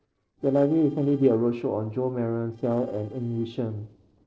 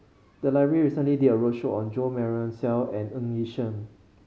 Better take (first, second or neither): second